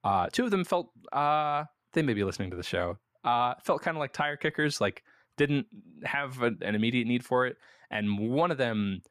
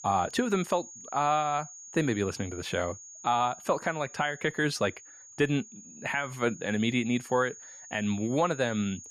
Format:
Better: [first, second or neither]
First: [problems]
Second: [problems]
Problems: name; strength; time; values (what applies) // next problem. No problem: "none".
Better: first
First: none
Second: high-pitched whine; noticeable; throughout; 6.5 kHz, 15 dB below the speech